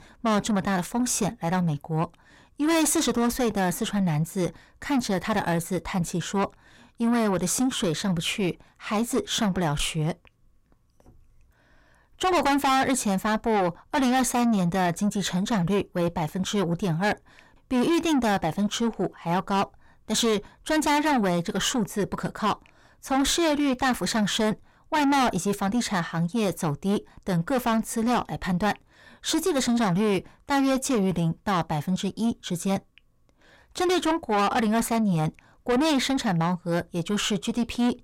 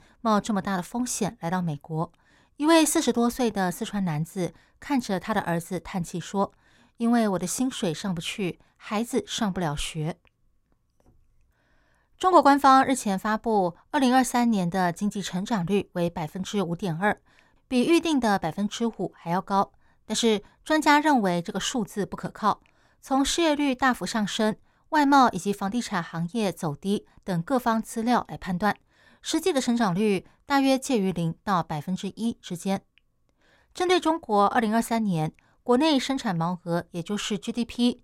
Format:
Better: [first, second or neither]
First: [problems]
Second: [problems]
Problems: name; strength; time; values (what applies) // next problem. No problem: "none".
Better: second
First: distortion; heavy; 7 dB below the speech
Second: none